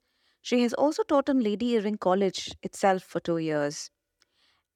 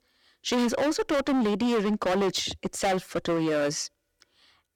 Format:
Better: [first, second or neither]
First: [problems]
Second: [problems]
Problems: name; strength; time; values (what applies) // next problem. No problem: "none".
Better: first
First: none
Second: distortion; heavy; 19% of the sound clipped